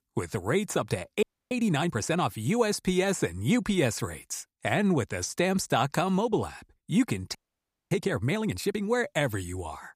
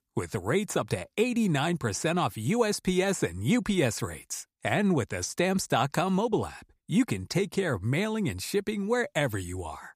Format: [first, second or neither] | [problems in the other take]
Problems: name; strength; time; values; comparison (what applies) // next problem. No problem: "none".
second | audio freezing; at 1 s and at 7.5 s for 0.5 s